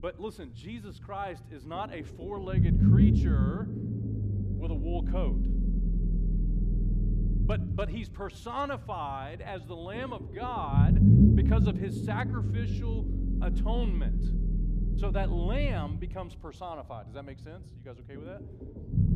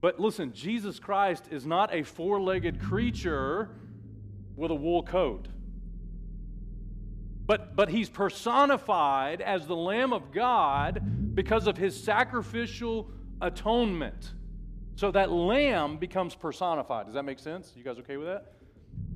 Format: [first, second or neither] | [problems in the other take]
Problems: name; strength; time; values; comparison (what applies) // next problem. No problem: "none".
second | low rumble; loud; throughout; as loud as the speech; faint in the second